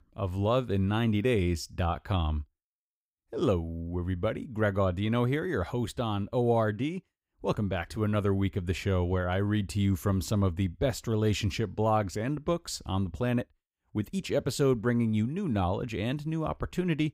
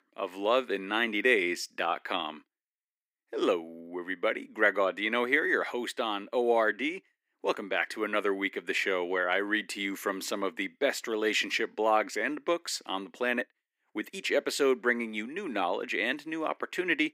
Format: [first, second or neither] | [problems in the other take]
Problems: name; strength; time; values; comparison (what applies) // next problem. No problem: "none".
first | thin; somewhat; fading below 300 Hz